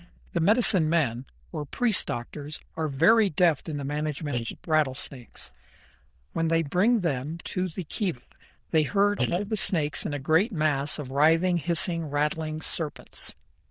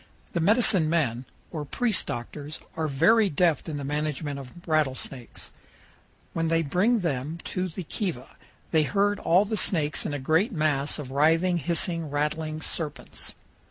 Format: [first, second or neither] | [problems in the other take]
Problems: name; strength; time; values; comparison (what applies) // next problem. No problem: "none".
second | noise reduction (neural diffusion model UNIVERSE++)